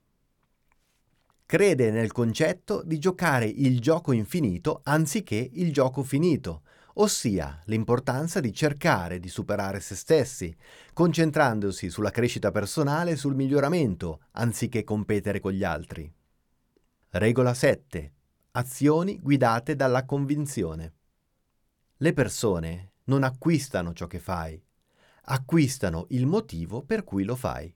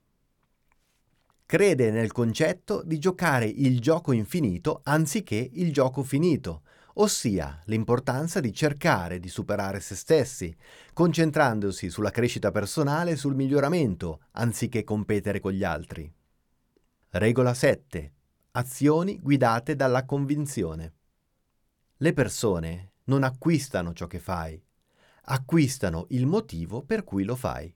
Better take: neither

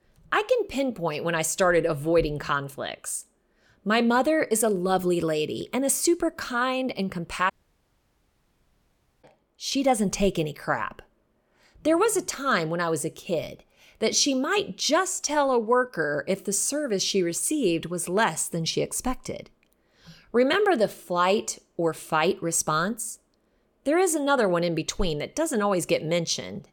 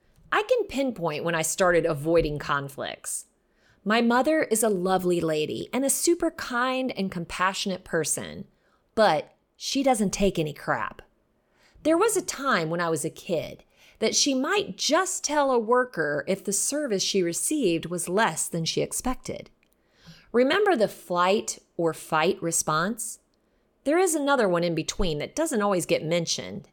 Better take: second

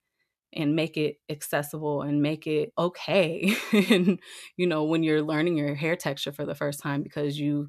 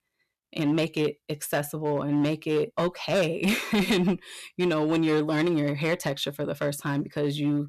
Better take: first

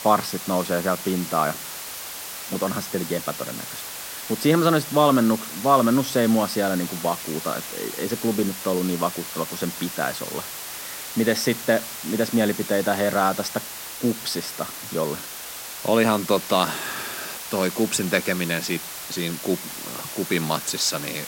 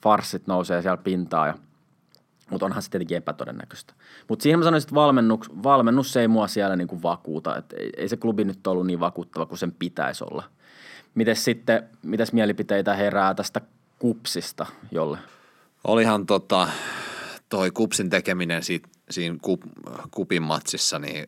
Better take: second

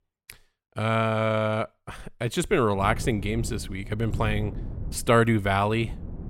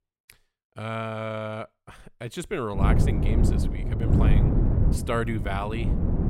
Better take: first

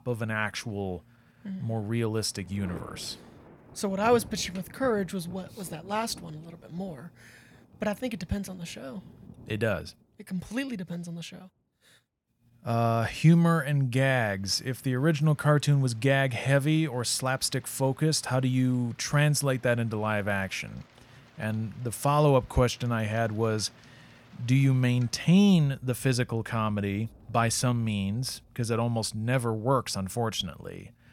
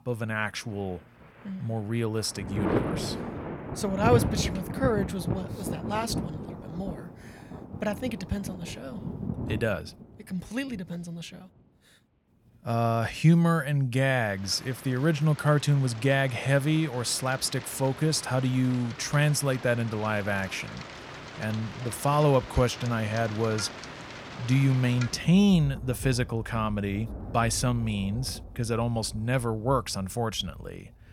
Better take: first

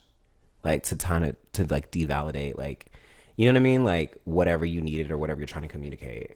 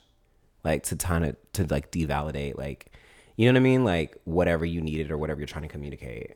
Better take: second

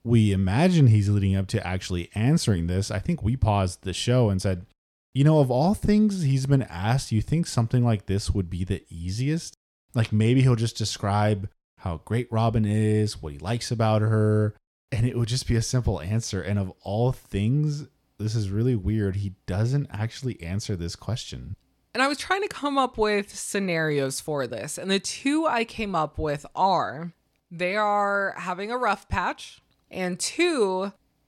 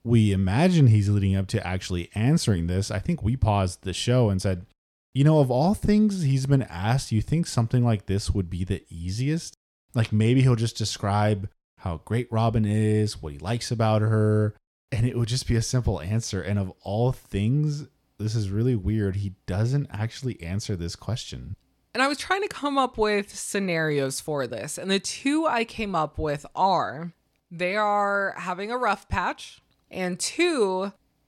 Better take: neither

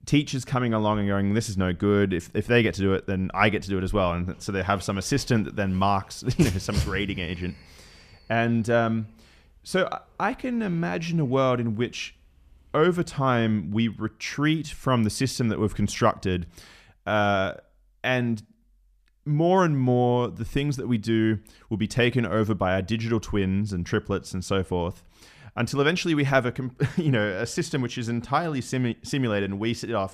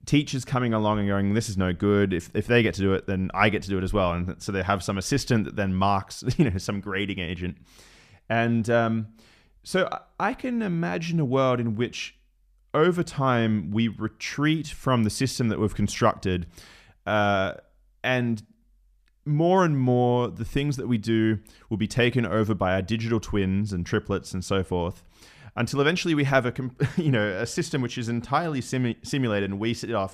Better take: second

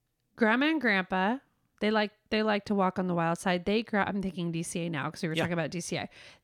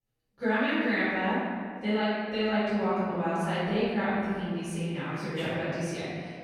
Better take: first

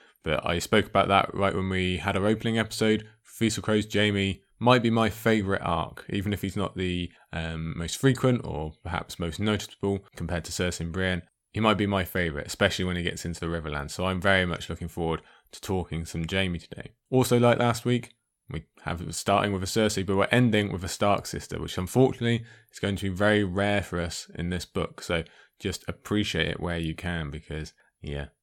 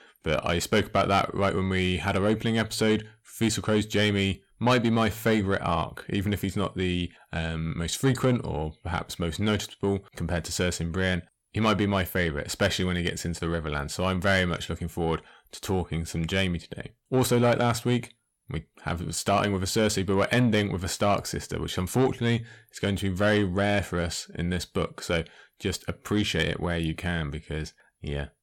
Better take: first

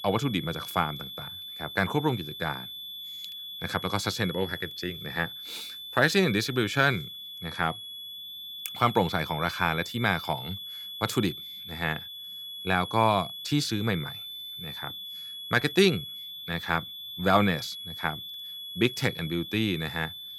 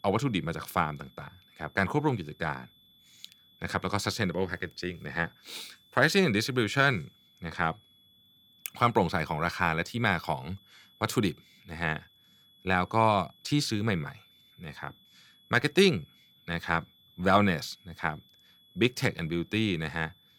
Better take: second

